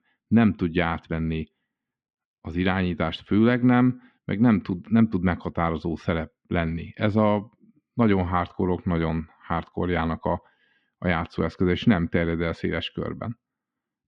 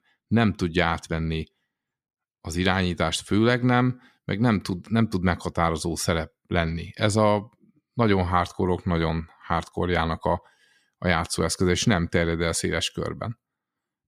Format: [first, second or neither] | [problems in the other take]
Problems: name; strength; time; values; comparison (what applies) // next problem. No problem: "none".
second | muffled; very; fading above 3 kHz